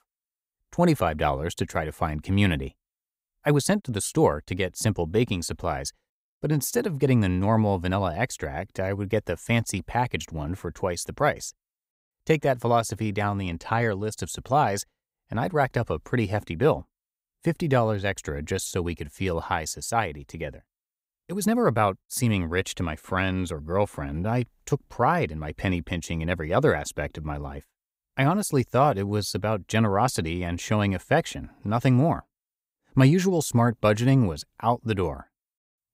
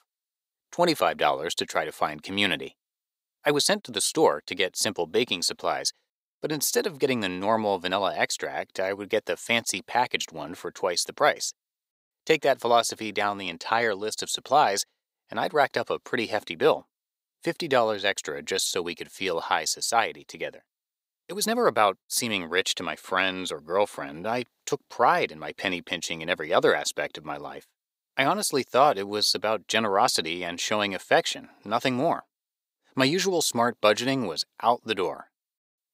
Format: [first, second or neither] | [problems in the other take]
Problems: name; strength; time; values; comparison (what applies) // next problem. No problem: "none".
first | thin; somewhat; fading below 350 Hz